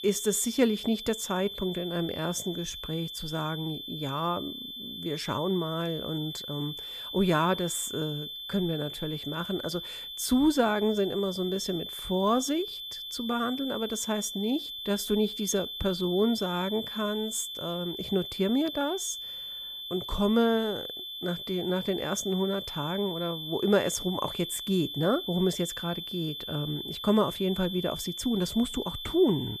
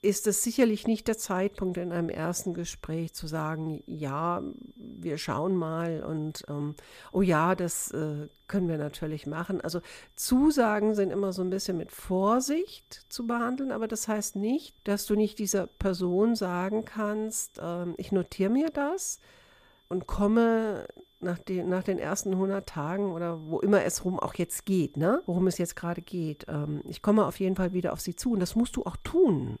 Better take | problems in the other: second | high-pitched whine; loud; throughout; 3.5 kHz, 7 dB below the speech; faint in the second

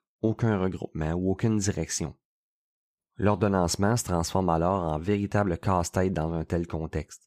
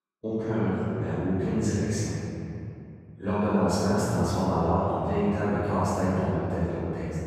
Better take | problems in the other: first | off-mic speech; far // room echo; strong; dies away in 2.6 s

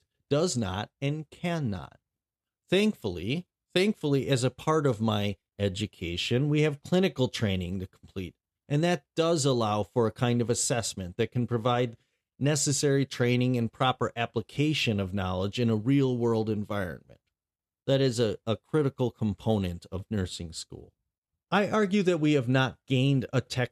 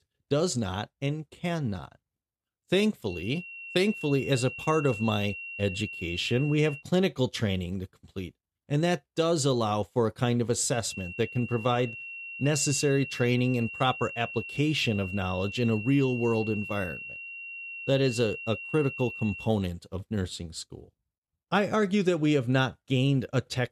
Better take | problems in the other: first | high-pitched whine; loud; from 3 to 7 s and from 11 to 19 s; 2.5 kHz, 10 dB below the speech

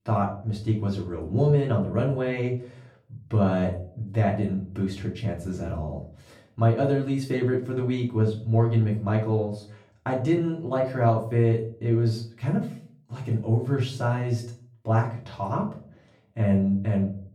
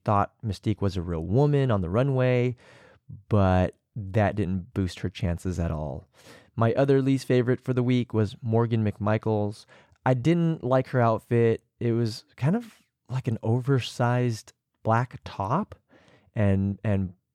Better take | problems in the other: second | off-mic speech; far // room echo; slight; dies away in 0.4 s

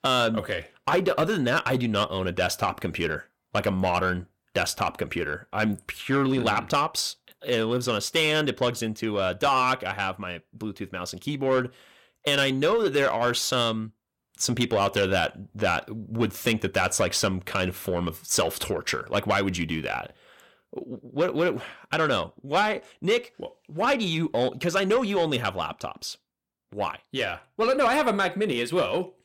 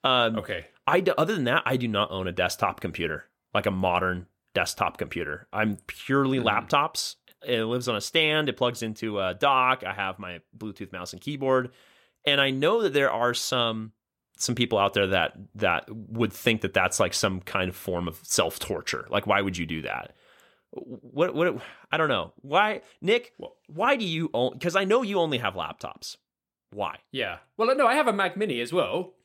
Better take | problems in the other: second | distortion; slight; 10 dB below the speech

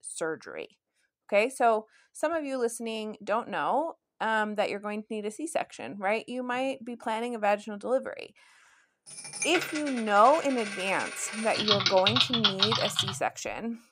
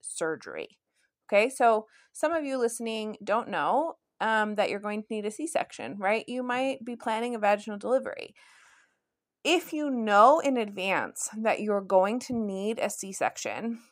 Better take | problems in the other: second | household noises; very loud; from 9.5 s on; 1 dB above the speech

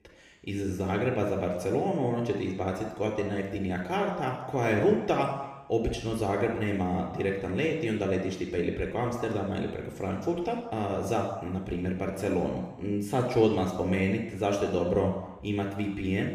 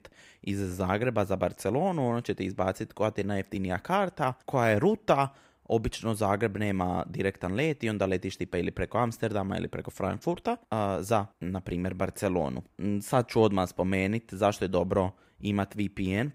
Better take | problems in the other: second | room echo; noticeable; dies away in 1 s // off-mic speech; somewhat distant

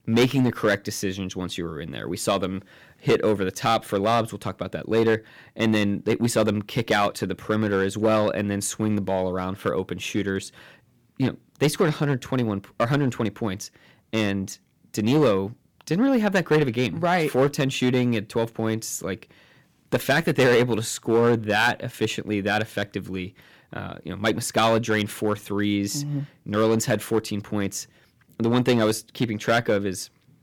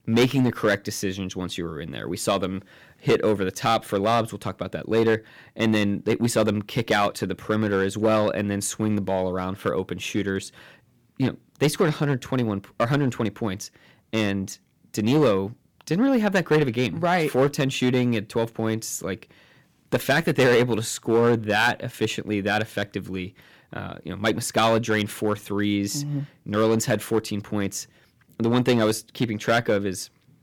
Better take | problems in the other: neither | distortion; slight; 3% of the sound clipped; the same in both

